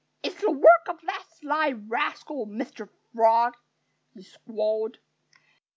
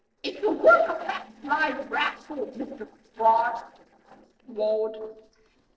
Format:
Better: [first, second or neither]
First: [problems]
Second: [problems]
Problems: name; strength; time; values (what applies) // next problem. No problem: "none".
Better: first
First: none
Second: noise reduction (neural separator model SepFormer DNS4)